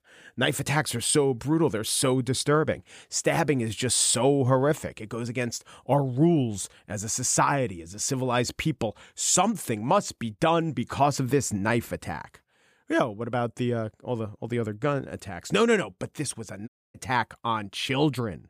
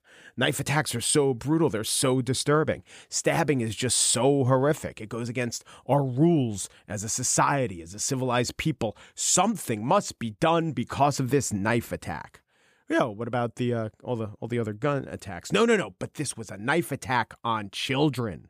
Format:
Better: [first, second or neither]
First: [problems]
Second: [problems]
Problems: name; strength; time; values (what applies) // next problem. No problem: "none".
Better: second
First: audio cutting out; at 17 s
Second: none